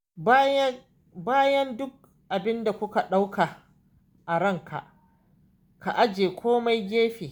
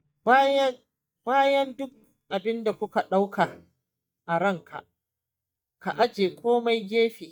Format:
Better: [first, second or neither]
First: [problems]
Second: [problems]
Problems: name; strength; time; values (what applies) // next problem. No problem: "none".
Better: first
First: none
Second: noise reduction (neural mask model DeepFilterNet 3)